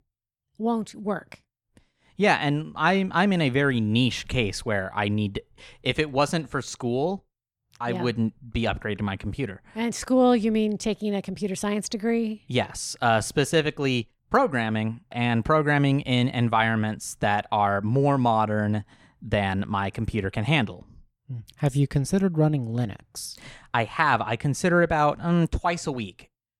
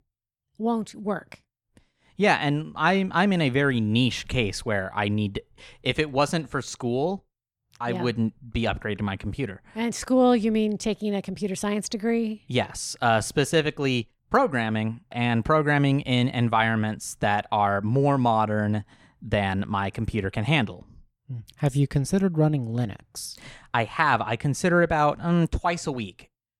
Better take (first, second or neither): neither